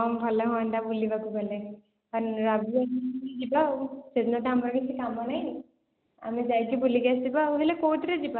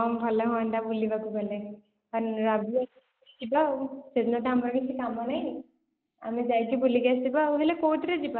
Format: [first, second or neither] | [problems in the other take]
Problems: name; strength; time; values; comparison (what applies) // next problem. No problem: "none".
first | noise reduction (neural mask model Resemble Enhance denoiser)